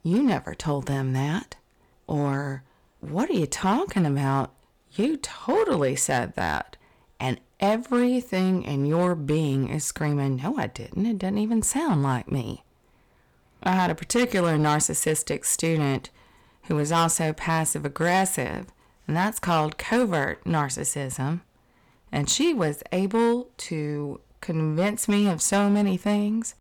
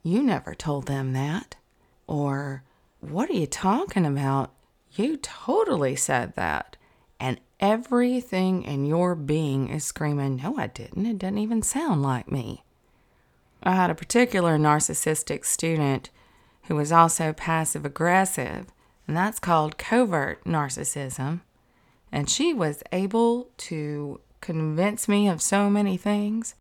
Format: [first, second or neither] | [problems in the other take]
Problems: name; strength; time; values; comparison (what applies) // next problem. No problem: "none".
second | distortion; slight; 4% of the sound clipped